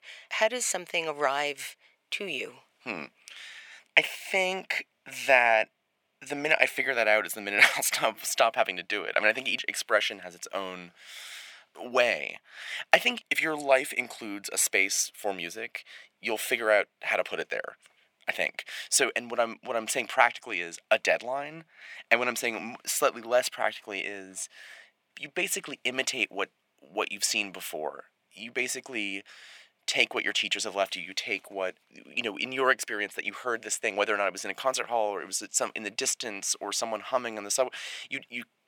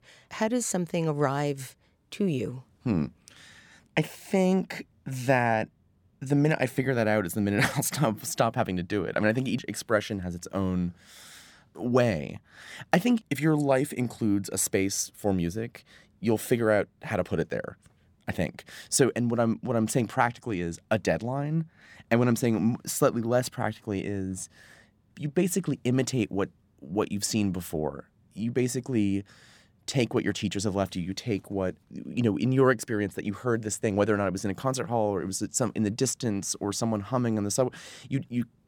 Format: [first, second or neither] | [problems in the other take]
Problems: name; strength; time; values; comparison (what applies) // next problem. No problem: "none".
second | thin; very; fading below 650 Hz